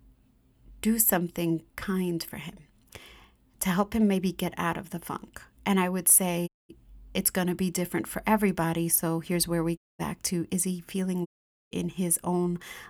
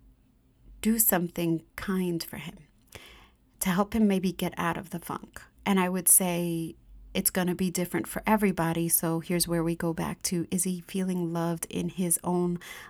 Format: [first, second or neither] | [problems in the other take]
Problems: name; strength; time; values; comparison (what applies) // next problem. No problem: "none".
second | audio cutting out; at 6.5 s, at 10 s and at 11 s